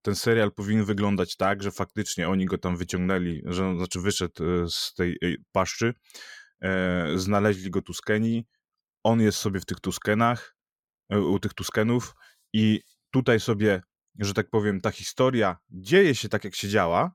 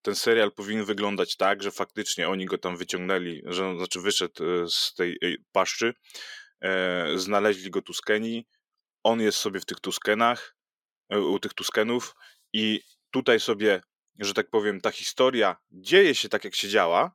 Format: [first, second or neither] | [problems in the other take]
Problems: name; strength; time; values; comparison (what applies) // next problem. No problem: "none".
first | thin; somewhat; fading below 350 Hz